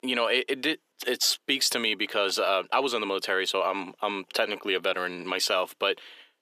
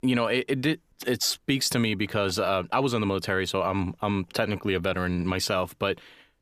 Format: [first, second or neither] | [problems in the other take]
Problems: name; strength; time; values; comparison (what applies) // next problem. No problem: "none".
second | thin; somewhat; fading below 350 Hz